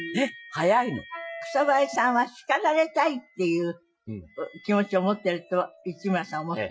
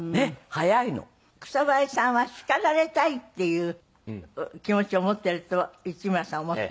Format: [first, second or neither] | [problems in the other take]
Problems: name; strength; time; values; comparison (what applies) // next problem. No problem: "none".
second | noise reduction (classical method Wiener filter)